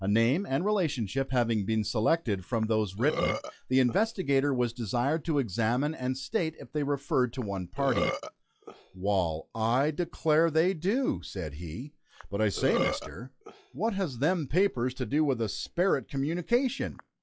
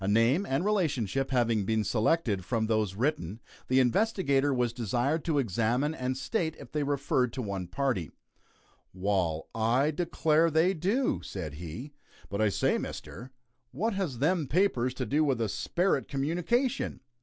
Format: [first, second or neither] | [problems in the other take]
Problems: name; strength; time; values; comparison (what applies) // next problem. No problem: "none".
second | noise reduction (classical method log-MMSE)